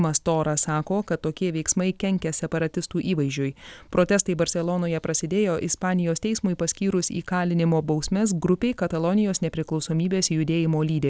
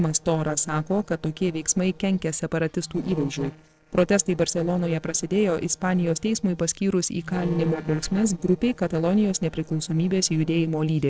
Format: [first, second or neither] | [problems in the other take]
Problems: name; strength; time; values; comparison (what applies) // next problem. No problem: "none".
first | noise reduction (neural separator model SepFormer DNS4)